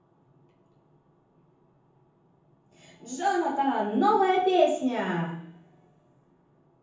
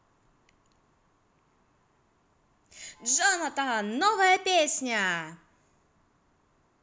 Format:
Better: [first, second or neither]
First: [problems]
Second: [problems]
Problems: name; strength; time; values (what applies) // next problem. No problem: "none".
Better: second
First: room echo; dies away in 0.7 s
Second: none